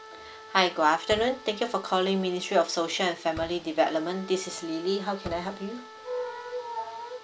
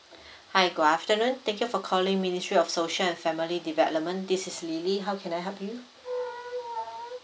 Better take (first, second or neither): second